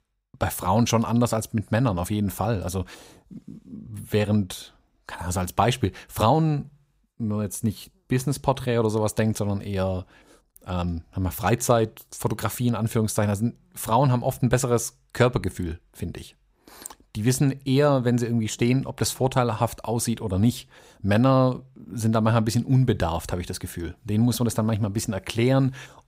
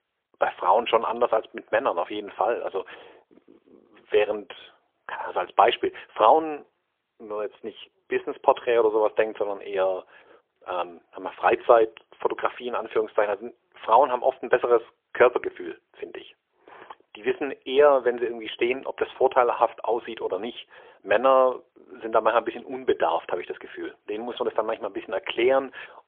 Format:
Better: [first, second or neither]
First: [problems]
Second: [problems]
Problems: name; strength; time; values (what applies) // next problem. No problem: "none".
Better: first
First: none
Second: phone-call audio; poor line; nothing above 3.5 kHz